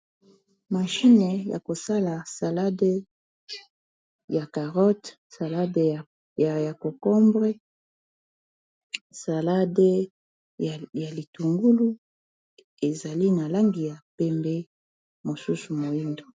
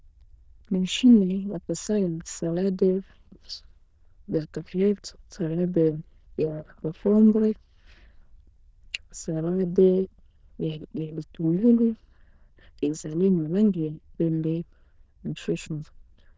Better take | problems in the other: first | noise reduction (neural diffusion model UNIVERSE++)

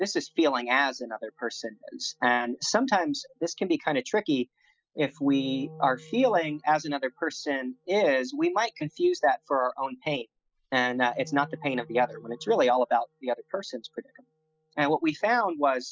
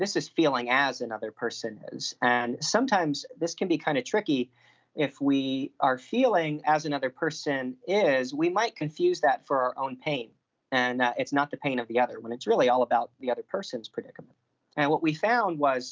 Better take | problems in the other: second | noise reduction (classical method spectral subtraction)

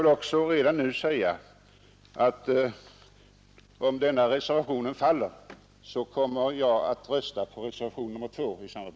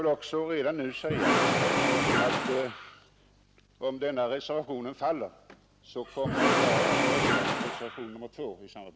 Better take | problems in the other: first | background sound (Engine / Mechanisms); 5 dB above the speech

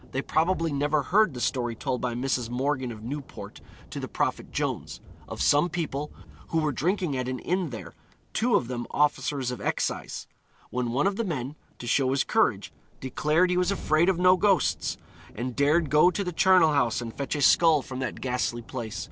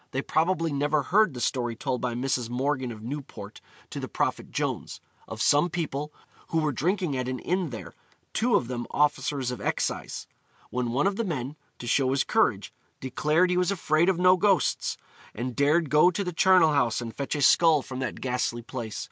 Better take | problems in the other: second | background sound (Thunderstorm); 19 dB below the speech

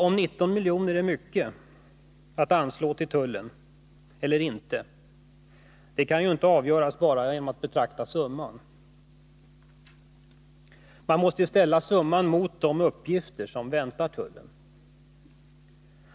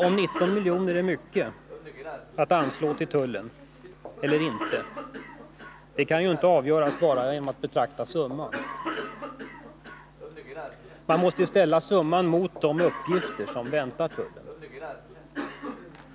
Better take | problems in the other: first | background sound (Cough); 11 dB below the speech

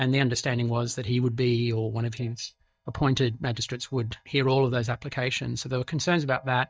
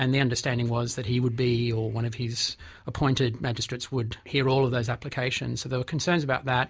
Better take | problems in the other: second | noise reduction (neural mask model DeepFilterNet 3)

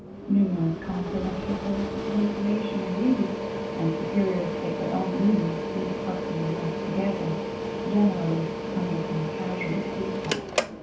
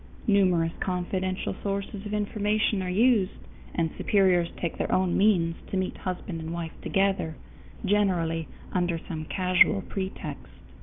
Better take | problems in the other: second | background sound (Mechanical fan); 3 dB below the speech // room echo; dies away in 0.7 s

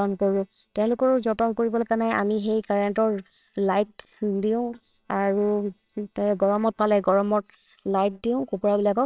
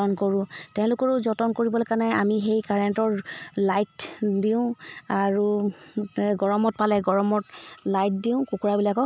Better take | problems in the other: second | noise reduction (neural separator model SepFormer WHAMR!)

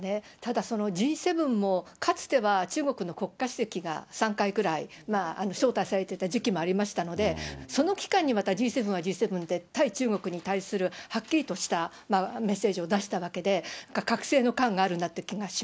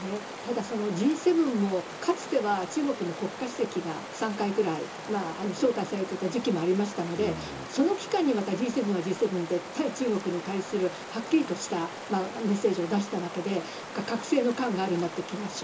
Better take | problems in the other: first | background sound (Stream); 11 dB below the speech // room echo; dies away in 0.2 s

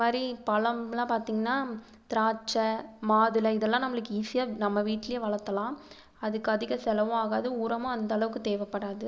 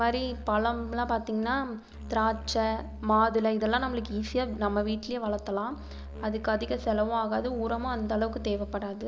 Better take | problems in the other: first | background sound (Musical instrument); 12 dB below the speech

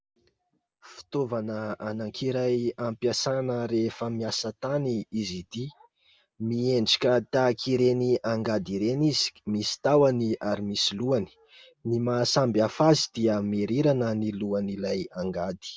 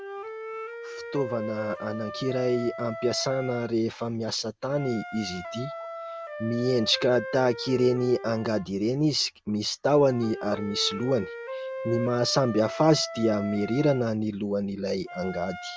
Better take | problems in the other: first | background sound (Wind instrument, woodwind instrument); 11 dB below the speech

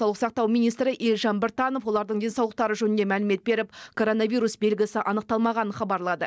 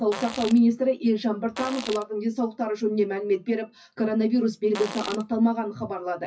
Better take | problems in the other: first | noise reduction (classical method WPE with log-MMSE)

